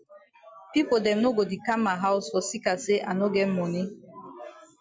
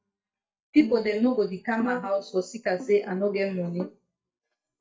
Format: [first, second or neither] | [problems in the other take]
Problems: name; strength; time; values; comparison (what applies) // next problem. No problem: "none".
first | noise reduction (neural mask model DeepFilterNet 3)